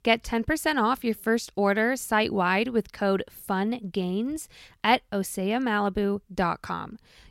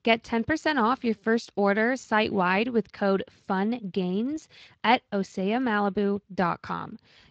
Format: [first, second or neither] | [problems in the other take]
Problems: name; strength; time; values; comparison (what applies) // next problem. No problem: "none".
first | garbled, watery; slightly; nothing above 7.5 kHz